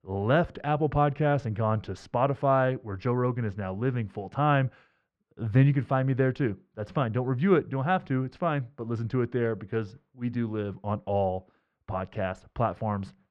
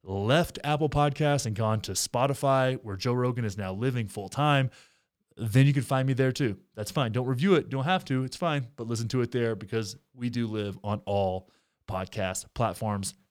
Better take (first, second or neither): second